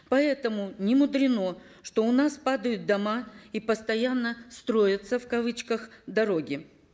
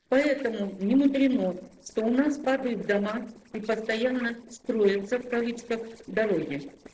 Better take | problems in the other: first | noise reduction (neural separator model SepFormer DNS4)

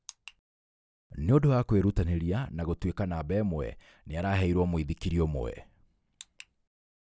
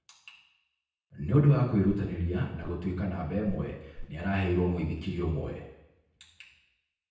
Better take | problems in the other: first | background sound (Walk, footsteps); 17 dB below the speech // room echo; dies away in 0.9 s

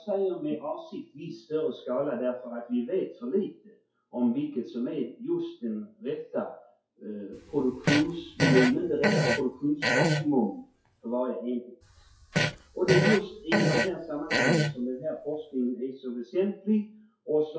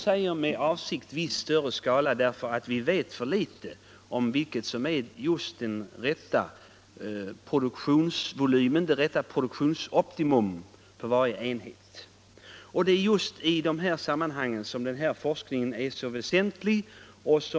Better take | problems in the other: second | noise reduction (classical method WPE with log-MMSE)

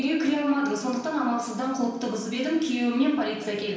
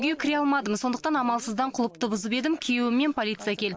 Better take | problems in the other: second | room echo; dies away in 0.9 s

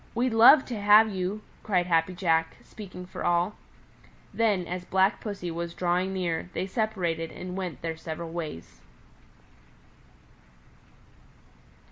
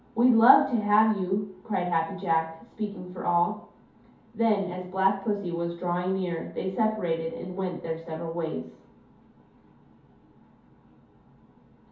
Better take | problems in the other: first | room echo; dies away in 0.5 s

